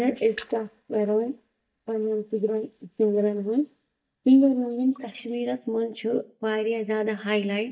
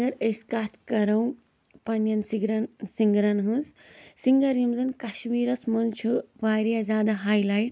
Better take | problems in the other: second | noise reduction (neural mask model DeepFilterNet 3)

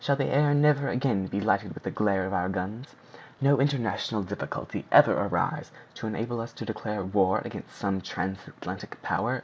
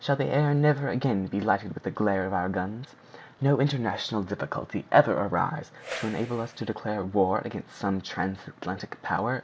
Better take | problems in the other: first | background sound (Whoosh, swoosh, swish); 14 dB below the speech

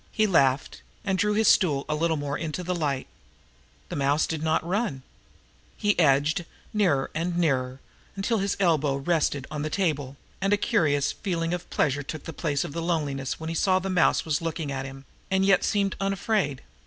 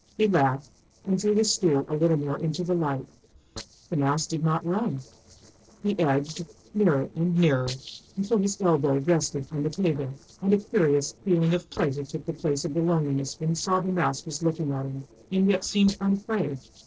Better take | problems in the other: first | noise reduction (neural separator model SepFormer DNS4)

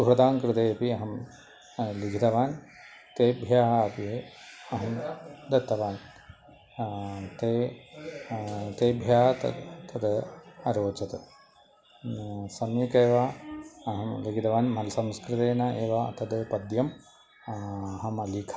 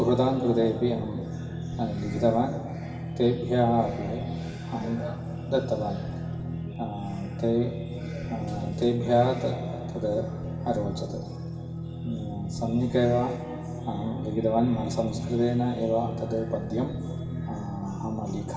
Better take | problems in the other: first | background sound (Guitar); 6 dB below the speech // room echo; dies away in 2.6 s

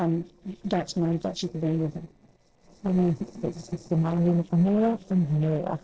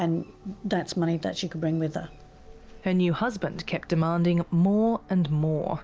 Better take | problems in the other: second | noise reduction (neural separator model SepFormer DNS4)

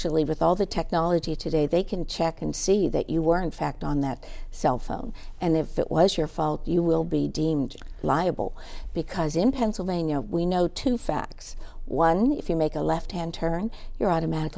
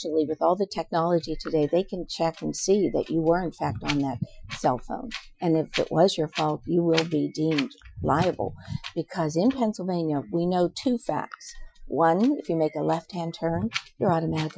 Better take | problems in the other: first | noise reduction (classical method Wiener filter)

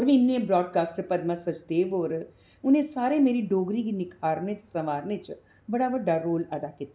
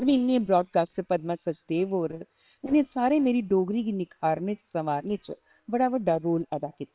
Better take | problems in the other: first | noise reduction (neural separator model SepFormer WHAM!)

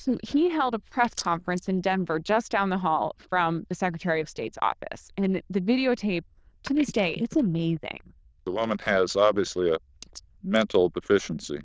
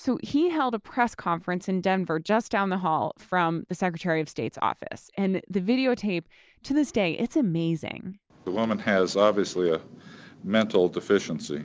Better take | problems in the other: second | noise reduction (neural diffusion model UNIVERSE++)

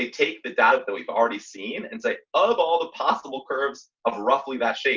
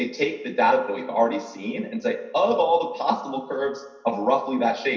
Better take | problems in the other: first | room echo; dies away in 0.9 s

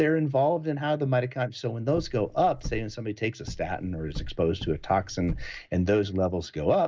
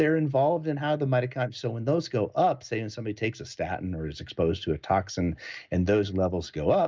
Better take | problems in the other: second | background sound (Car); 11 dB below the speech

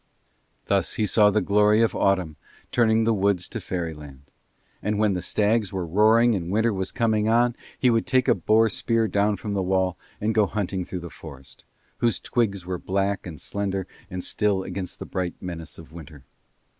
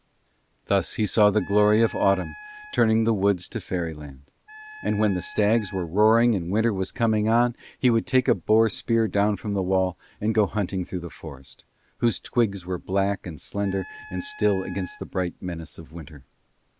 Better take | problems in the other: first | background sound (Wind instrument, woodwind instrument); 18 dB below the speech

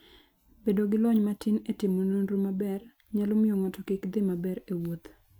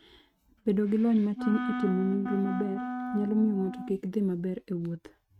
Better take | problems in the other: first | noise reduction (neural mask model RNNoise)

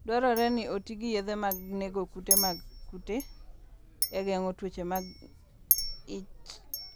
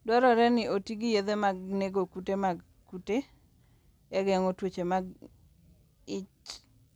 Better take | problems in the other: second | background sound (Chink, clink); 2 dB below the speech

